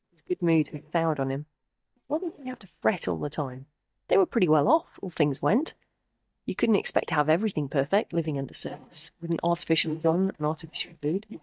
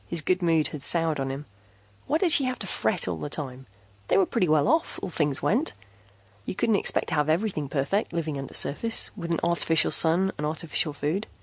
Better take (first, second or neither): second